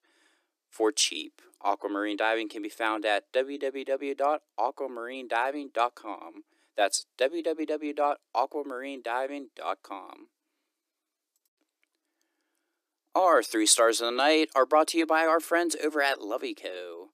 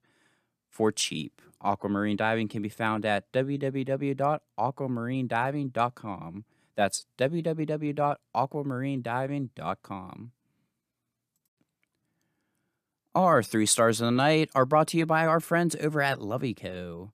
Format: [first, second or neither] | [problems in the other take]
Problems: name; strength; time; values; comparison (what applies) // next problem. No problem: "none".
second | thin; somewhat; fading below 300 Hz